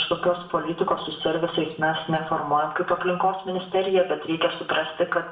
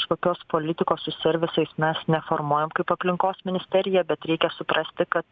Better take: second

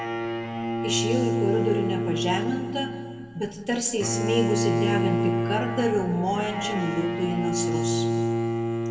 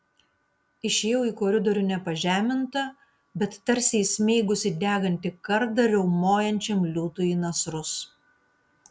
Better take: second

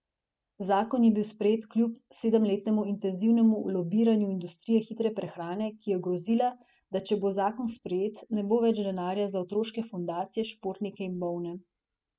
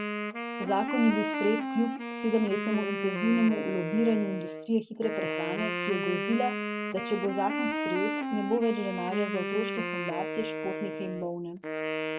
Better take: first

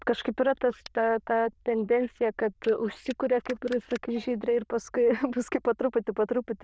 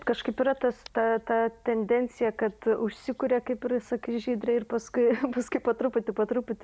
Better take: second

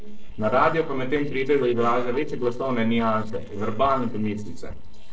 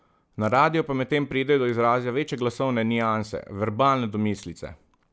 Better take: second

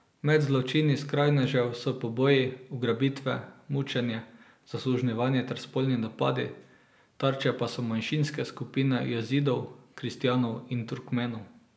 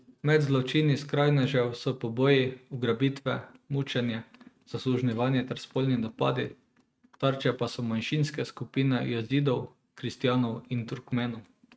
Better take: first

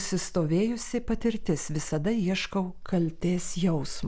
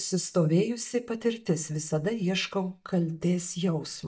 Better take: first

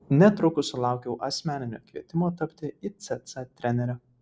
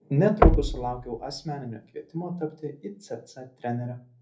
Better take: first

